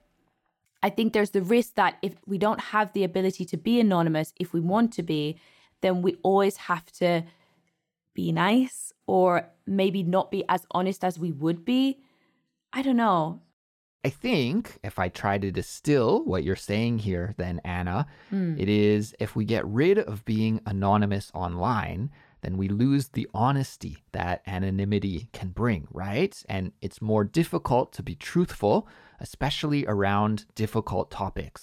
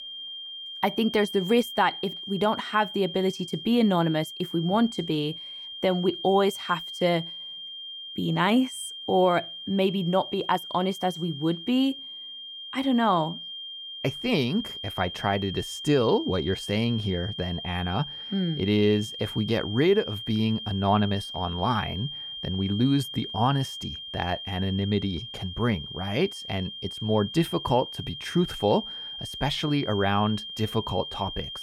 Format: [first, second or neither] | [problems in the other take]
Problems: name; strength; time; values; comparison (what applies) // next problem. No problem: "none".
first | high-pitched whine; loud; throughout; 3 kHz, 9 dB below the speech